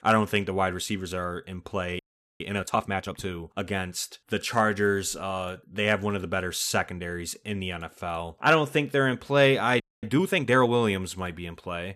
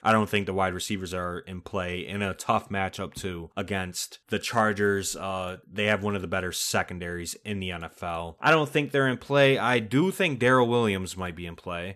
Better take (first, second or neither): second